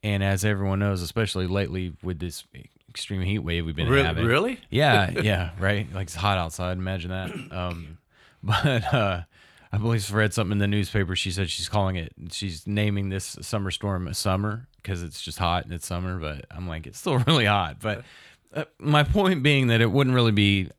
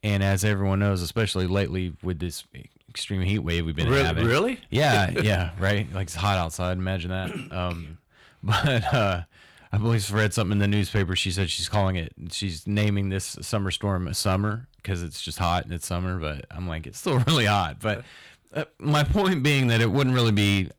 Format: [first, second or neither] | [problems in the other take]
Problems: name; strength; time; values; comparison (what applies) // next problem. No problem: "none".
first | distortion; slight; 5% of the sound clipped